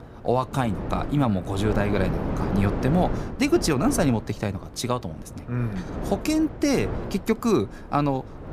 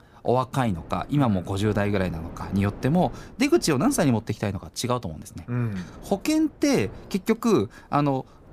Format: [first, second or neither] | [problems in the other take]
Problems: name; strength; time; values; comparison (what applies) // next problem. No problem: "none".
second | wind noise on the microphone; heavy; 8 dB below the speech; occasional gusts in the second